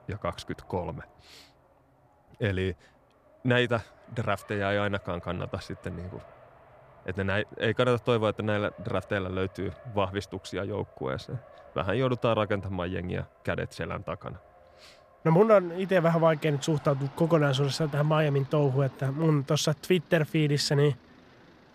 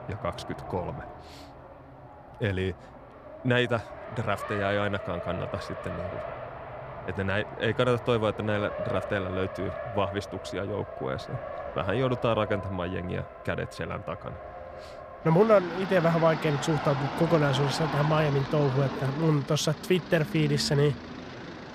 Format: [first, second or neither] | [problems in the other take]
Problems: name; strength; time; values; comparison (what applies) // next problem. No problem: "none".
first | traffic noise; loud; throughout; 9 dB below the speech; faint in the first